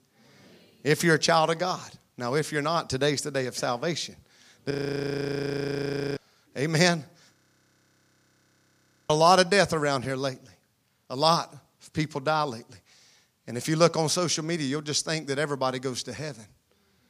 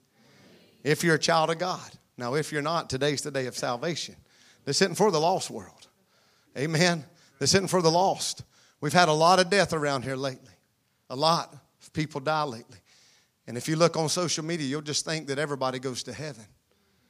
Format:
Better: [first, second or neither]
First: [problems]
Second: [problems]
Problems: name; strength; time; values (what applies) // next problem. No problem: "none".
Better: second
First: audio freezing; at 4.5 s for 1.5 s and at 7.5 s for 2 s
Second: none